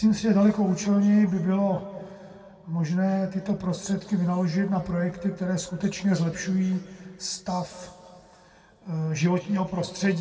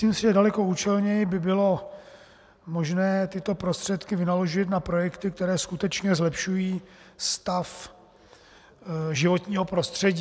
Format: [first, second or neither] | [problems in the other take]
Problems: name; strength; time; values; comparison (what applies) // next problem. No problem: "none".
second | room echo; dies away in 2.2 s